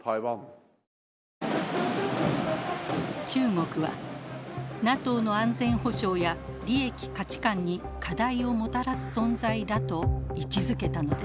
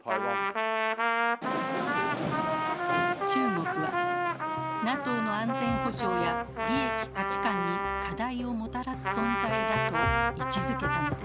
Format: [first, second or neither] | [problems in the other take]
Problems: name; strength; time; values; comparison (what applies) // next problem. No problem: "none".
first | background sound (Trumpet); 3 dB above the speech